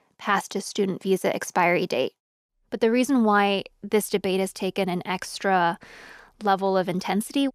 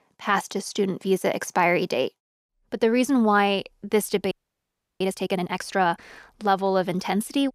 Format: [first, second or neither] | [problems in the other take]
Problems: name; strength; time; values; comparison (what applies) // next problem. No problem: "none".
first | audio freezing; at 4.5 s for 0.5 s